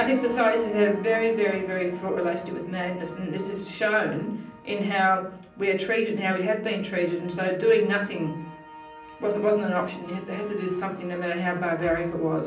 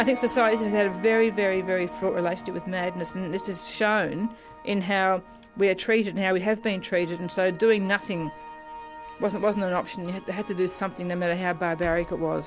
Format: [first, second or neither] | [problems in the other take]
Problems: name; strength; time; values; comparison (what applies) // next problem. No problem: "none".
second | room echo; dies away in 0.6 s